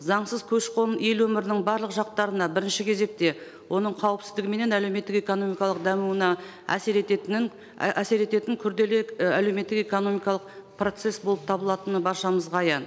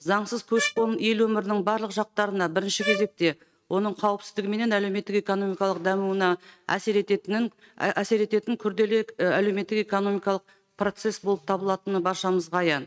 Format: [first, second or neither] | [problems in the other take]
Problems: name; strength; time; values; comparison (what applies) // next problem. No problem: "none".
first | noise reduction (neural mask model RNNoise)